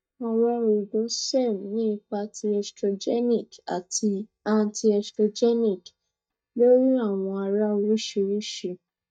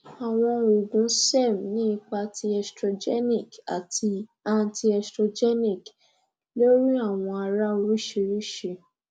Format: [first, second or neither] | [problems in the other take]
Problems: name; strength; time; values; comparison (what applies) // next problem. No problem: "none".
second | noise reduction (neural mask model DeepFilterNet 3)